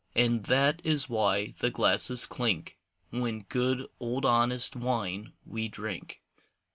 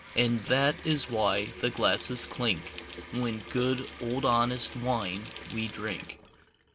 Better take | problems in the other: first | background sound (Sink (filling or washing) / Water tap, faucet); 14 dB below the speech

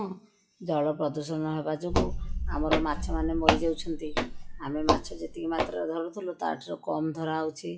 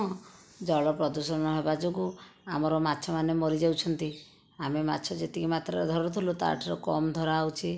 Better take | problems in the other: second | noise reduction (classical method WPE with log-MMSE)

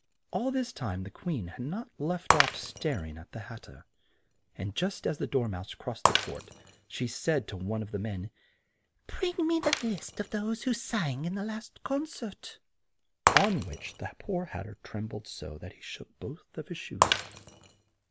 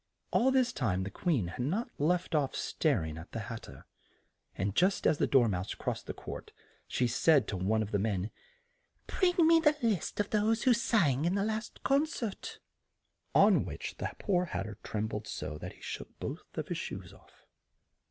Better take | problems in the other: second | background sound (Shatter); 2 dB below the speech

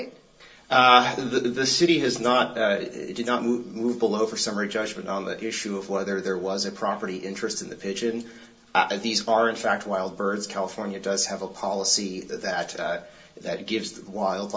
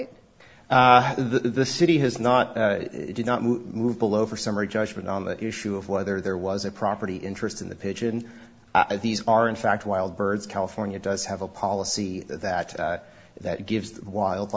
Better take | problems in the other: second | room echo; dies away in 0.2 s

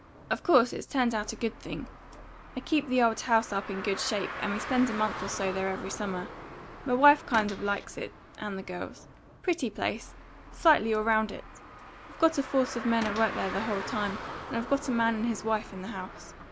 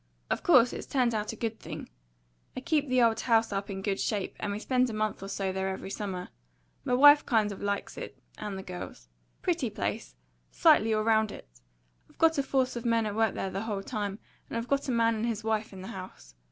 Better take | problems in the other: second | background sound (Car + Cupboard open or close / Door); 12 dB below the speech

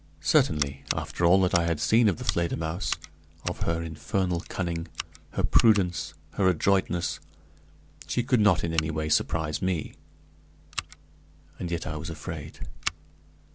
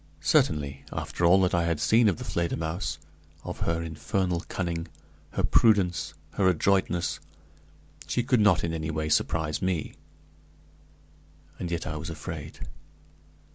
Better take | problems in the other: second | background sound (Scissors); 14 dB below the speech

